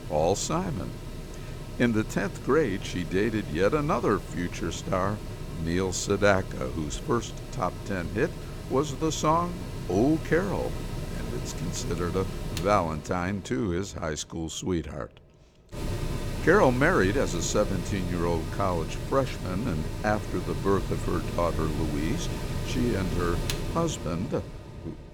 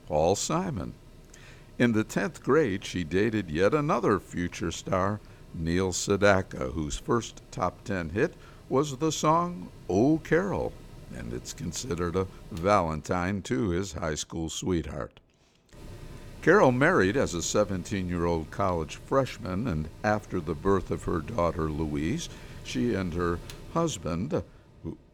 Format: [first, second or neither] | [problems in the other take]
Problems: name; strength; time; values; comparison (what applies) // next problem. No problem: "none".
second | machinery noise; loud; throughout; 8 dB below the speech; faint in the second